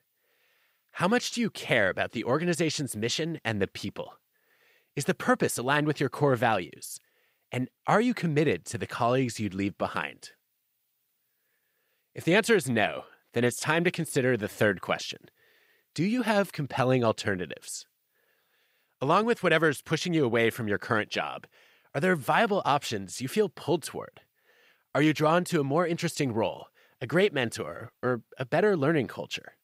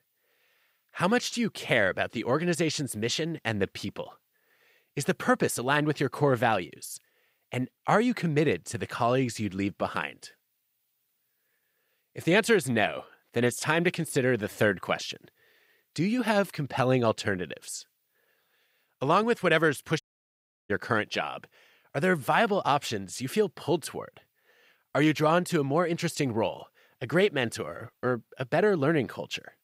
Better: first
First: none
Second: audio cutting out; at 20 s for 0.5 s

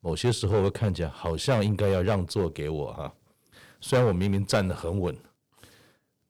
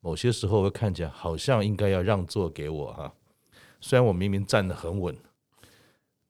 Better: second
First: distortion; slight; 4% of the sound clipped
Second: none

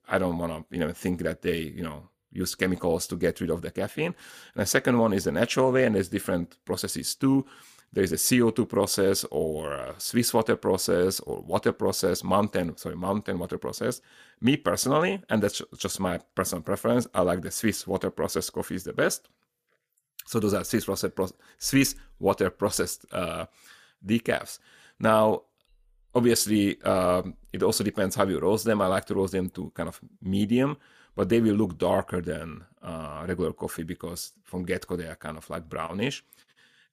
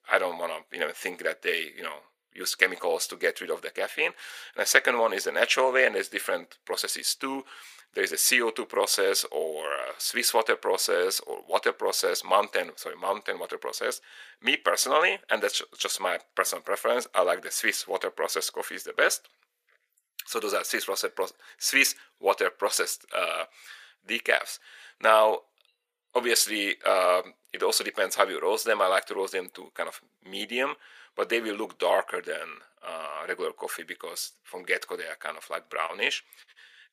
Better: first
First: none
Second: thin; very; fading below 500 Hz

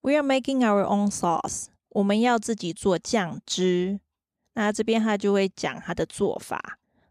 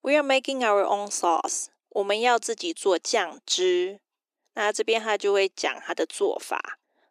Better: first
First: none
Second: thin; somewhat; fading below 300 Hz

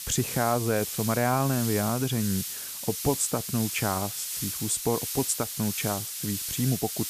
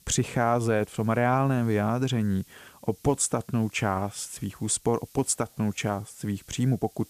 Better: second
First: hiss; loud; throughout; 3 dB below the speech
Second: hiss; faint; throughout; 25 dB below the speech

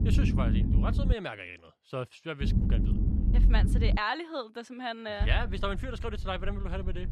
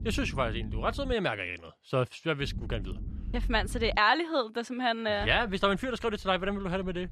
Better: second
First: low rumble; loud; until 1 s, from 2.5 to 4 s and from 5 s on; 6 dB below the speech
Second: low rumble; faint; until 1 s, from 2.5 to 4 s and from 5 s on; 25 dB below the speech

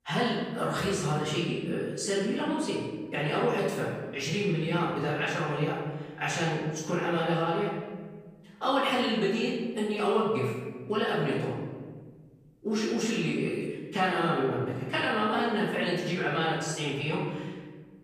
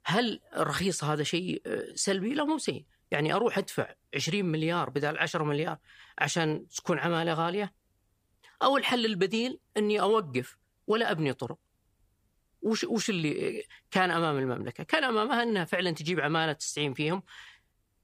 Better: second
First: room echo; noticeable; dies away in 1.4 s // off-mic speech; far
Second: none

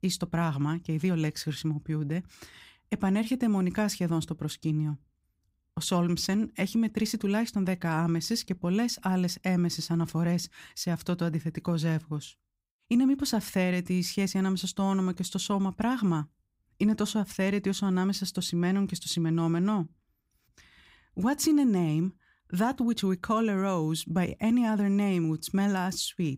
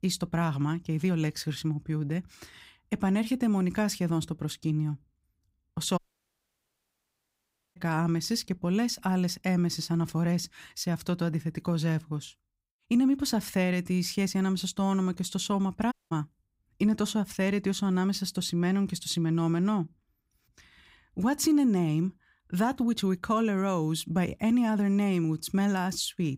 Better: first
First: none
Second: audio cutting out; at 6 s for 2 s and at 16 s

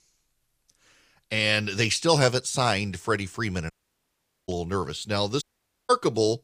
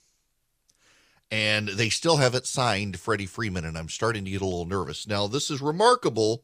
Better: second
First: audio cutting out; at 3.5 s for 1 s and at 5.5 s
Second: none

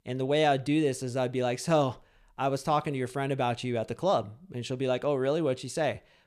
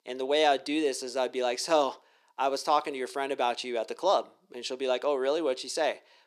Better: first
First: none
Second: thin; somewhat; fading below 300 Hz

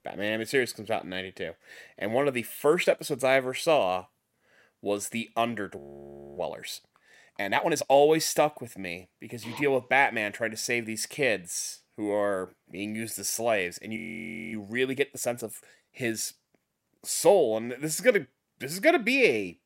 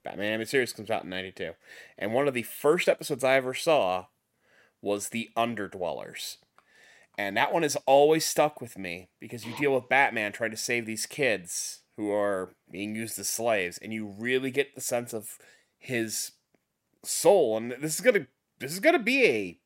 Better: second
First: audio freezing; at 6 s for 0.5 s and at 14 s for 0.5 s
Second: none

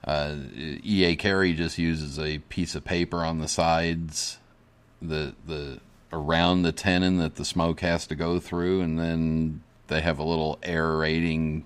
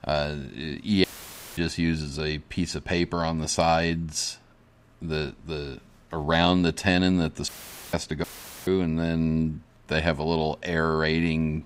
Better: first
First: none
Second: audio cutting out; filled with static; at 1 s for 0.5 s, at 7.5 s and at 8 s

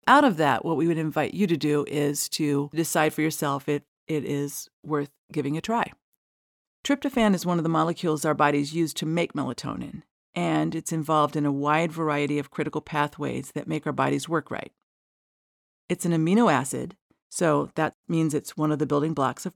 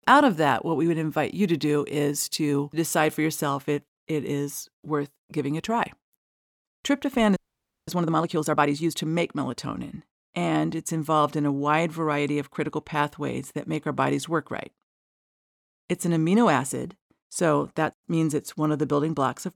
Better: first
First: none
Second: audio freezing; at 7.5 s for 0.5 s

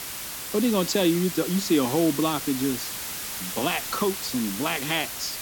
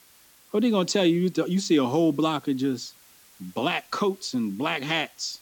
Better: second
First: hiss; loud; throughout; 5 dB below the speech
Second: hiss; faint; throughout; 25 dB below the speech

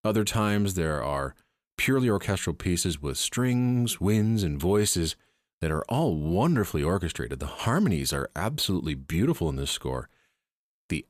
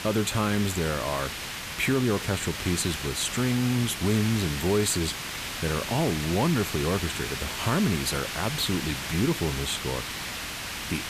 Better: first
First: none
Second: hiss; loud; throughout; 5 dB below the speech

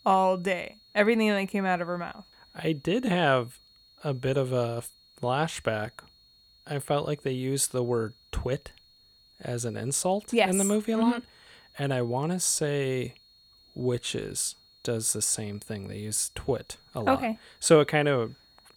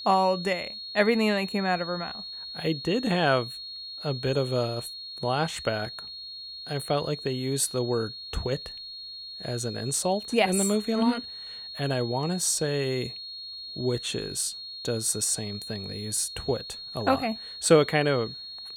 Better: first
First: high-pitched whine; faint; throughout; 4.5 kHz, 30 dB below the speech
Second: high-pitched whine; loud; throughout; 4.5 kHz, 9 dB below the speech

